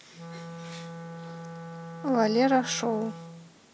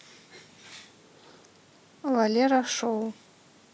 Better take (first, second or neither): second